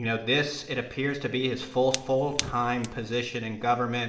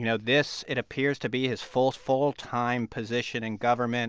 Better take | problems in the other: second | background sound (Fire); 10 dB below the speech // room echo; dies away in 1.6 s

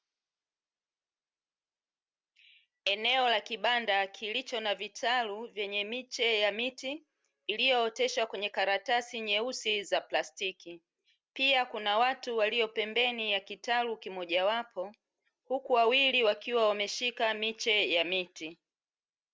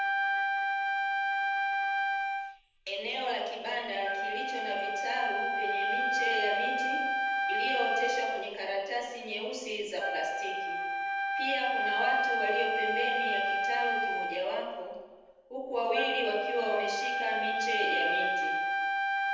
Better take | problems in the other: first | background sound (Wind instrument, woodwind instrument); 4 dB above the speech // room echo; dies away in 1 s

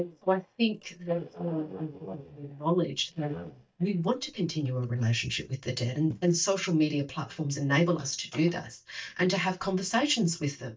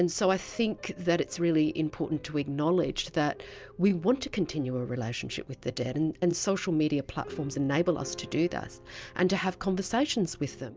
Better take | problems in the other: second | noise reduction (neural mask model DeepFilterNet 3)

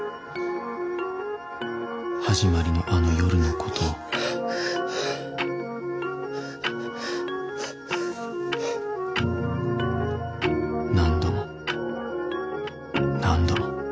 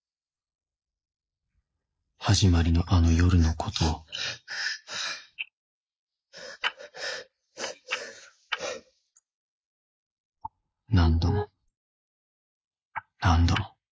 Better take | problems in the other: first | noise reduction (neural mask model Resemble Enhance denoiser)

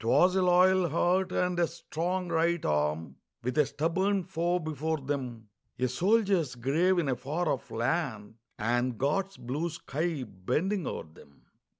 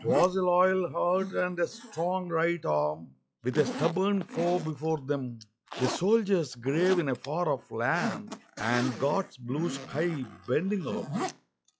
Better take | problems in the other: first | noise reduction (classical method log-MMSE)

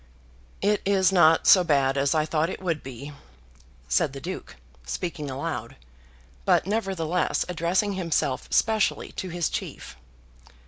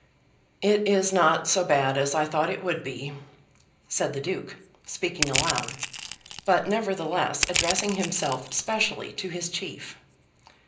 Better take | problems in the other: first | background sound (Crushing); 3 dB below the speech // room echo; dies away in 0.5 s

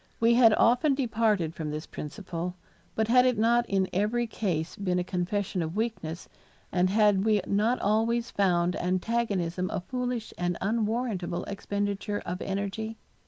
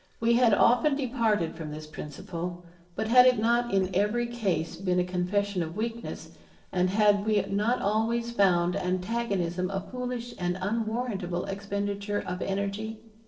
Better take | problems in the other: first | noise reduction (neural separator model SepFormer DNS4)

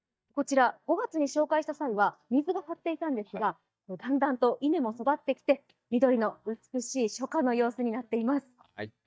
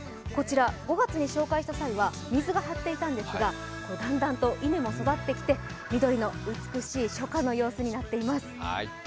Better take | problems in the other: second | noise reduction (neural mask model DeepFilterNet 3)

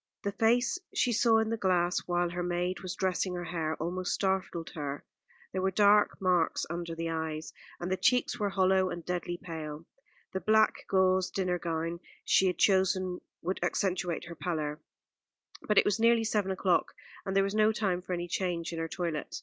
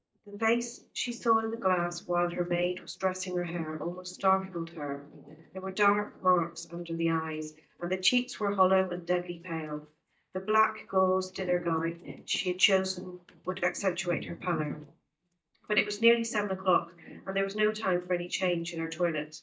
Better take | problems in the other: first | noise reduction (neural mask model DeepFilterNet 3)

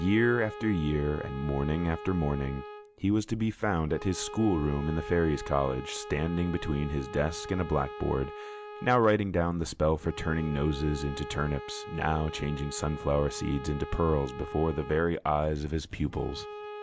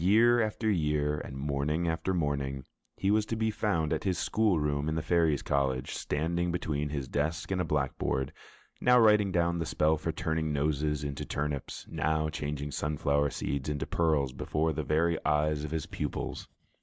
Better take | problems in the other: second | background sound (Bowed string instrument); 13 dB below the speech

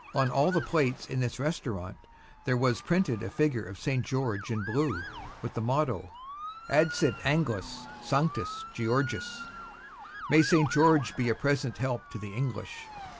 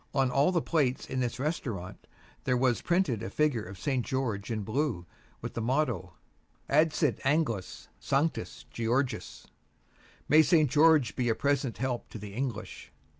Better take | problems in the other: second | background sound (Motor vehicle (road) / Siren); 13 dB below the speech

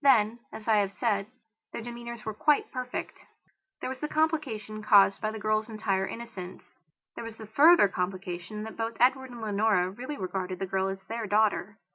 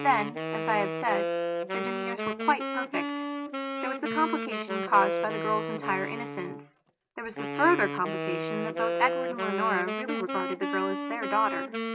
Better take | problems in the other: first | background sound (Wind instrument, woodwind instrument); 2 dB below the speech

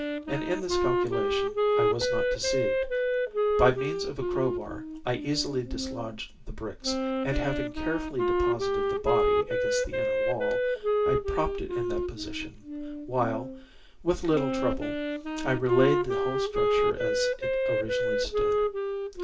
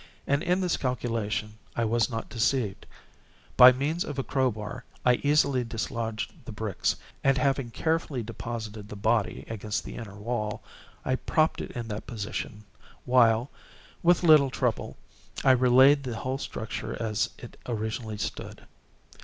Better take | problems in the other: second | background sound (Wind instrument, woodwind instrument); 3 dB above the speech // room echo; dies away in 0.2 s

